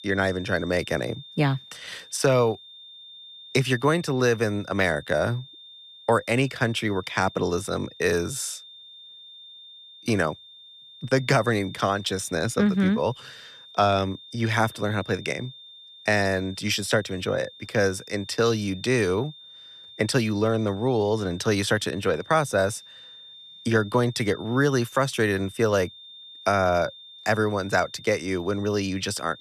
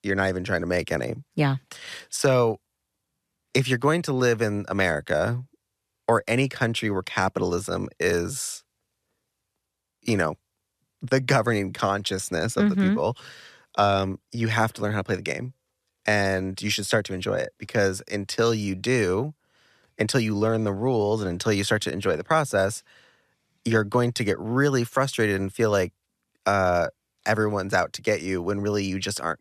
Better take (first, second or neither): second